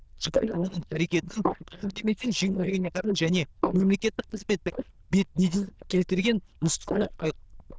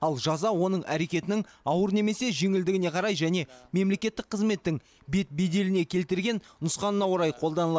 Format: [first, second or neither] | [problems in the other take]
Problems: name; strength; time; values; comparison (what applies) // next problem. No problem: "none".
second | noise reduction (neural diffusion model UNIVERSE++)